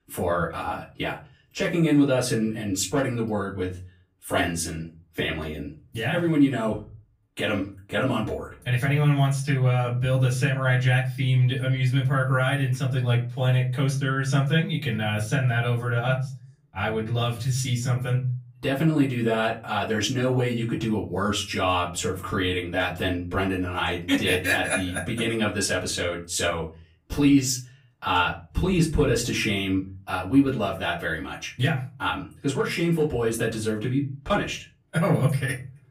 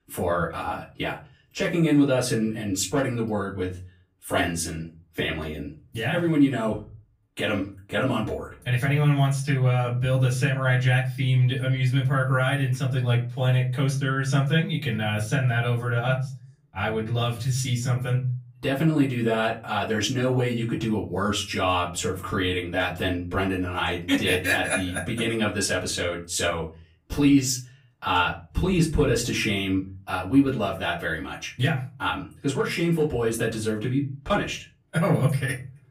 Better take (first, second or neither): neither